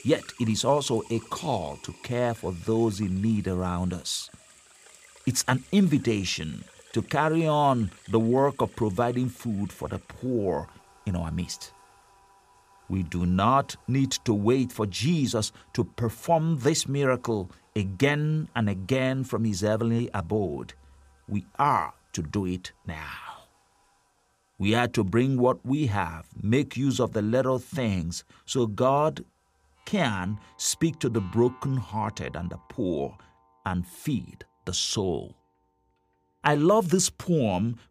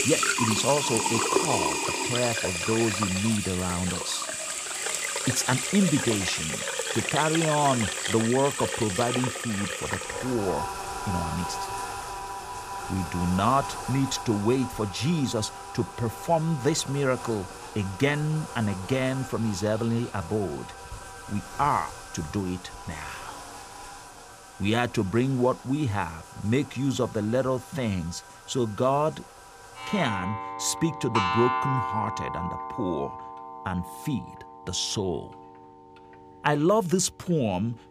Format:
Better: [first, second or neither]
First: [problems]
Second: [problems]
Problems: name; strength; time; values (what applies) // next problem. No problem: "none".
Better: first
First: household noises; faint; throughout; 25 dB below the speech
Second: household noises; loud; throughout; 3 dB below the speech